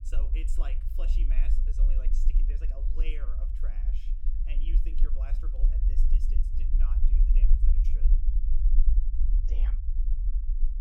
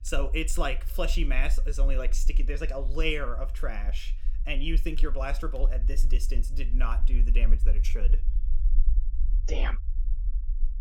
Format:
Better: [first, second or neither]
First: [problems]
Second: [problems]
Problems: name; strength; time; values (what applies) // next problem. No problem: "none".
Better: second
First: low rumble; loud; throughout; 2 dB below the speech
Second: low rumble; faint; throughout; 20 dB below the speech